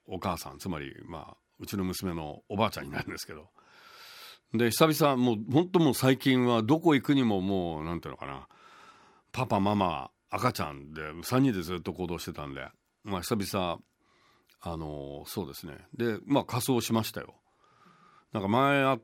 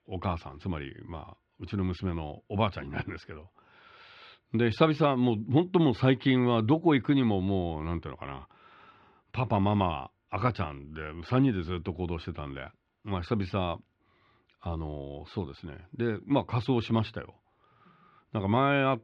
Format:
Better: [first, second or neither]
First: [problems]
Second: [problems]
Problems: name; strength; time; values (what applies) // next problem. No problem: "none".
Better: first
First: none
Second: muffled; slightly; fading above 3.5 kHz